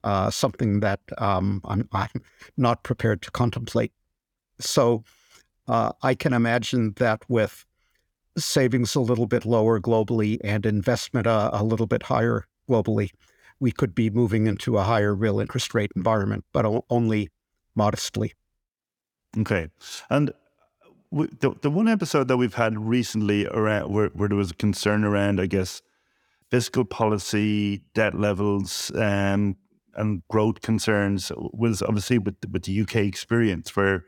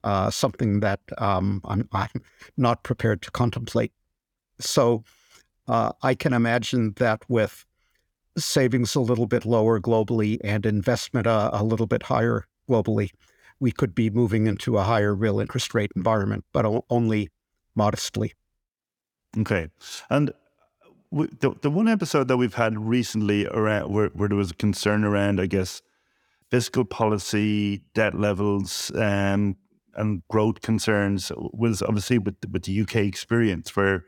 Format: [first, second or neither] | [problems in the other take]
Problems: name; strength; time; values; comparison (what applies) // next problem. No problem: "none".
neither | none